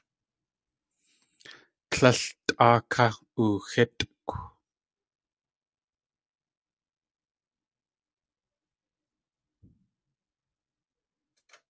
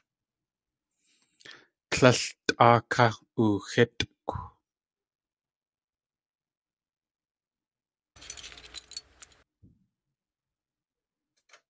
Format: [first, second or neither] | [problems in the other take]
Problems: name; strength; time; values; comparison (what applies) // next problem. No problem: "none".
first | background sound (Keys jangling); 15 dB below the speech